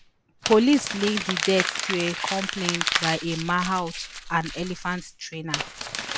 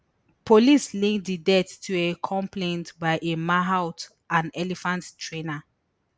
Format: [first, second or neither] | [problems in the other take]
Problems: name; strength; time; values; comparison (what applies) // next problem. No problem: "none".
second | background sound (Crumpling, crinkling); 5 dB below the speech